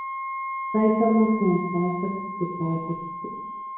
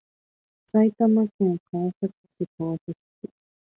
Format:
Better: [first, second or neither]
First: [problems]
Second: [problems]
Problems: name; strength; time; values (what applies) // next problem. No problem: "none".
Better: second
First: background sound (Wind instrument, woodwind instrument); 7 dB below the speech // room echo; dies away in 0.9 s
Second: none